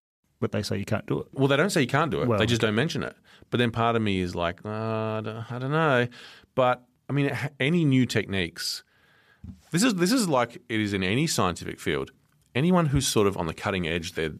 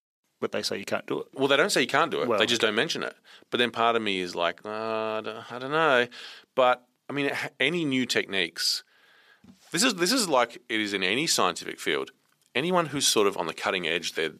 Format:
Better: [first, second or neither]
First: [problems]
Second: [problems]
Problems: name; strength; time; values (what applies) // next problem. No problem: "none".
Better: first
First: none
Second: thin; somewhat; fading below 350 Hz